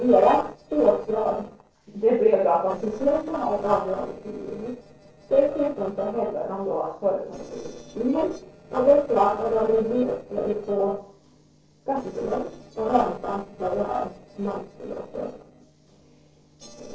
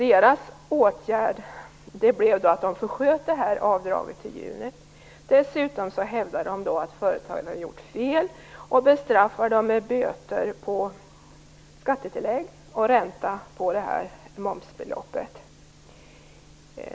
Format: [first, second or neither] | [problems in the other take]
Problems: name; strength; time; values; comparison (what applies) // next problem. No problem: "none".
second | noise reduction (neural separator model SepFormer DNS4)